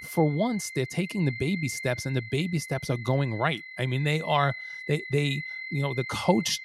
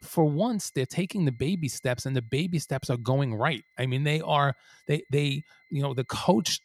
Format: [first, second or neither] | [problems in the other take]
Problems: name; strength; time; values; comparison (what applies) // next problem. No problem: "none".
second | high-pitched whine; loud; throughout; 2 kHz, 9 dB below the speech; faint in the second